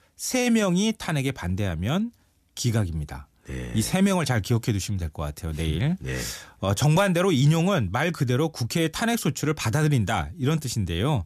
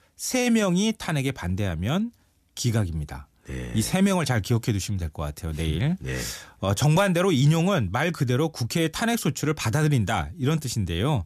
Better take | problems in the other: neither | none

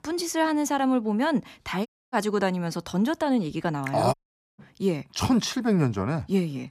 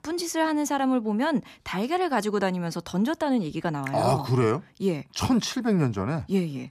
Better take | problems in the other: second | audio cutting out; at 2 s and at 4 s

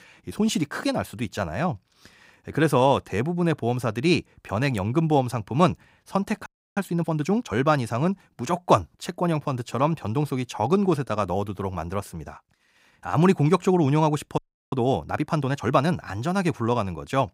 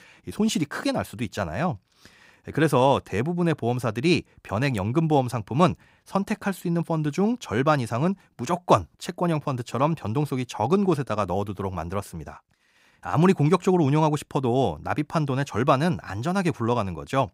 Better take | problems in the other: second | audio freezing; at 6.5 s and at 14 s

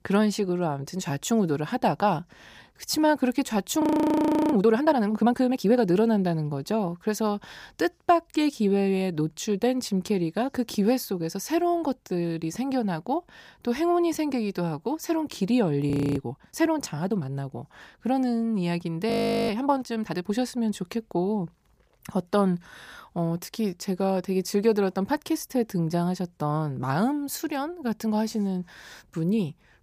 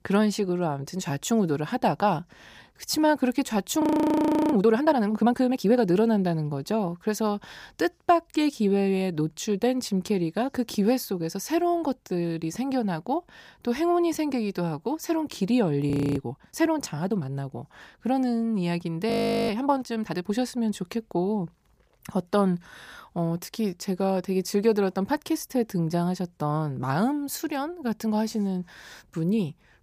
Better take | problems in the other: neither | audio freezing; at 4 s for 0.5 s, at 16 s and at 19 s; the same in both

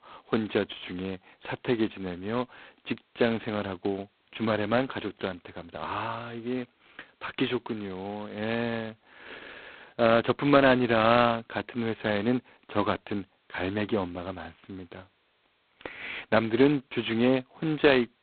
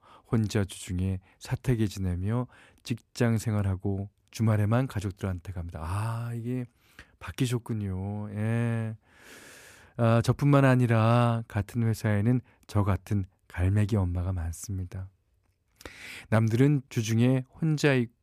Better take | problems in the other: second | phone-call audio; poor line; nothing above 4 kHz

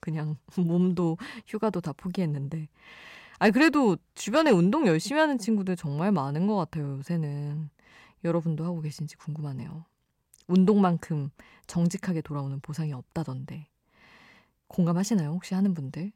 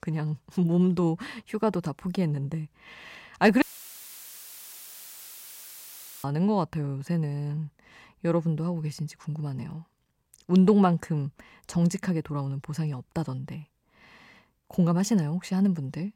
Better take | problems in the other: first | audio cutting out; filled with static; at 3.5 s for 2.5 s

